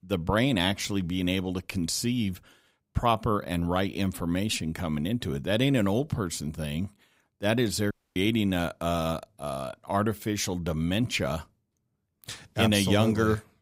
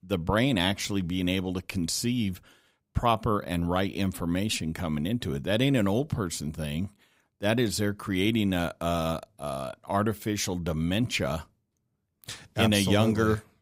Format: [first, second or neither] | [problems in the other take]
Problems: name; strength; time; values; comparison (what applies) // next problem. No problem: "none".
second | audio cutting out; at 8 s